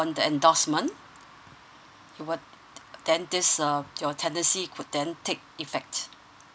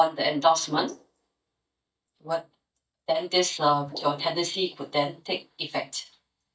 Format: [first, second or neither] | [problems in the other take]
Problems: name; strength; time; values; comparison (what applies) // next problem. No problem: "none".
first | noise reduction (neural mask model DeepFilterNet 3)